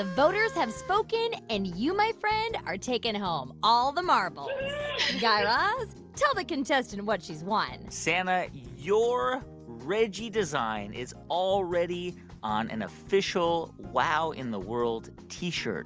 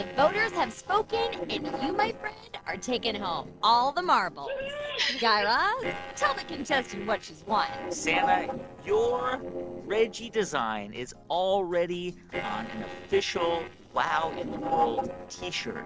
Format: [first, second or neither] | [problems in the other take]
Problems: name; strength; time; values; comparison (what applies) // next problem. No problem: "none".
first | noise reduction (neural separator model SepFormer DNS4)